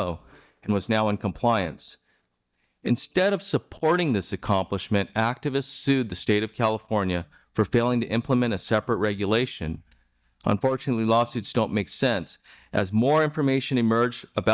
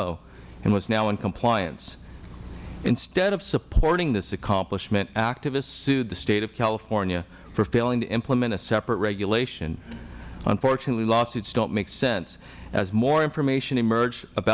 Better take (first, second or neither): second